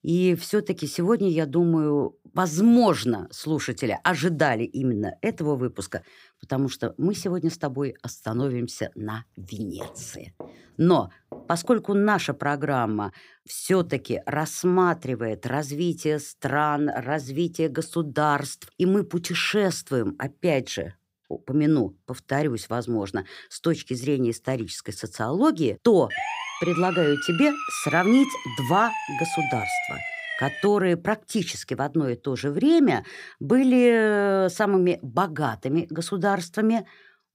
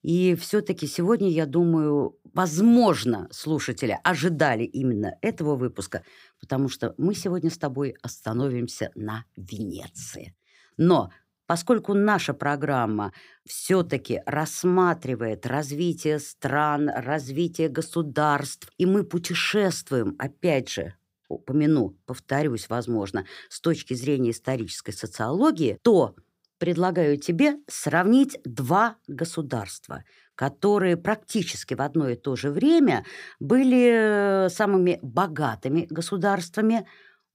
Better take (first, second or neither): second